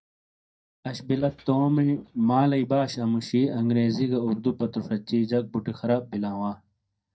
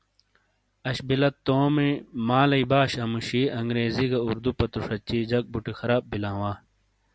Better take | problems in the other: second | noise reduction (neural mask model DeepFilterNet 3)

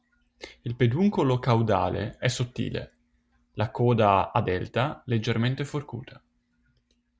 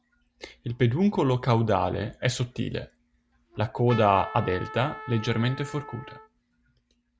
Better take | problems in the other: first | background sound (Trumpet); 14 dB below the speech

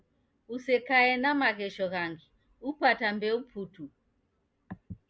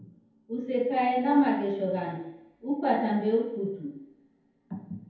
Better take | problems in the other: first | room echo; dies away in 0.9 s

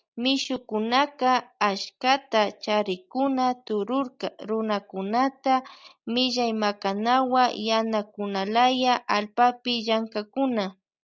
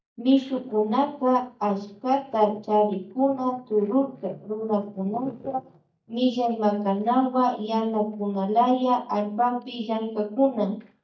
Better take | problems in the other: first | noise reduction (neural mask model DeepFilterNet 3)

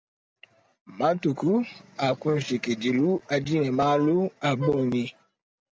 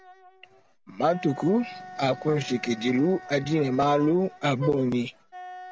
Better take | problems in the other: first | background sound (Wind instrument, woodwind instrument); 18 dB below the speech

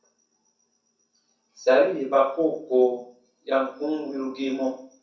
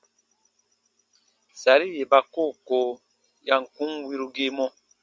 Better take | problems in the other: second | room echo; dies away in 0.6 s

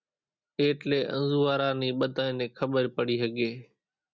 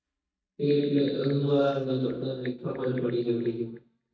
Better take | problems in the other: first | noise reduction (neural mask model DeepFilterNet 3)

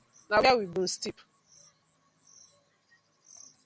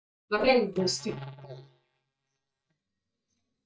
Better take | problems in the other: first | noise reduction (neural mask model DeepFilterNet 3)

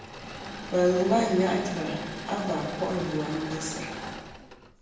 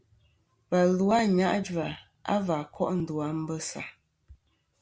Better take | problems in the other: second | background sound (Engine / Mechanisms); 9 dB below the speech // room echo; dies away in 1 s

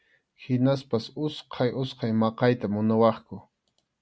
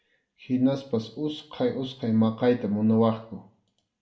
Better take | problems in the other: first | room echo; dies away in 0.4 s

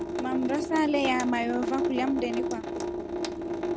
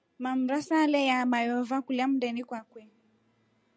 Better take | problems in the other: second | background sound (Drip / Sink (filling or washing) / Water tap, faucet); 1 dB below the speech

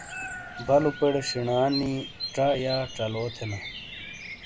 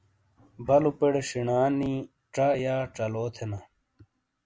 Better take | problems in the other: second | background sound (Bird vocalization, bird call, bird song); 10 dB below the speech

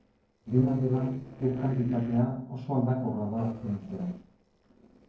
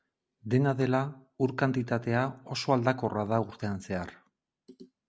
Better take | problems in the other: second | noise reduction (neural separator model SepFormer DNS4)

